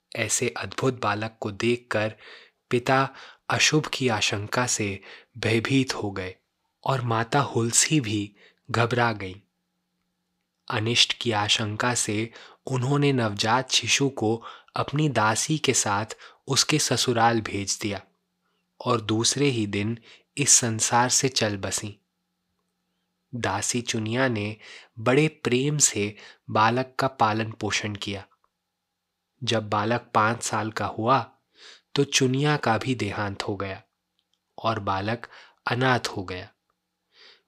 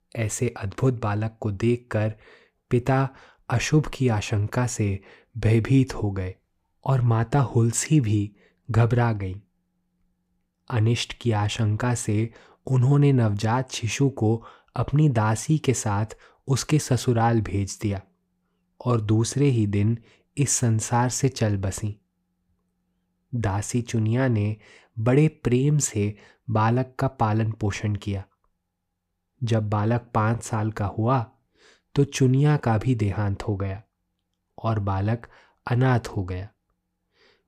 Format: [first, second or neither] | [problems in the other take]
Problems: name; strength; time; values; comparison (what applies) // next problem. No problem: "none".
second | thin; somewhat; fading below 800 Hz